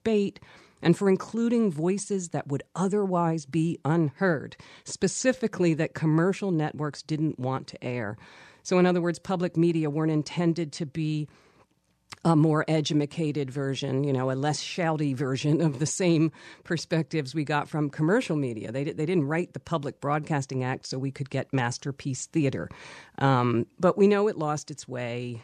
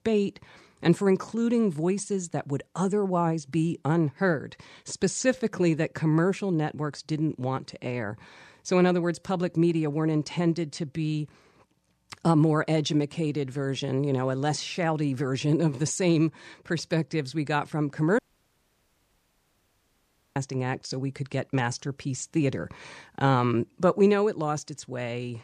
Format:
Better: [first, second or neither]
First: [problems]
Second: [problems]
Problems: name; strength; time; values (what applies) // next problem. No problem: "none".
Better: first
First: none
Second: audio cutting out; at 18 s for 2 s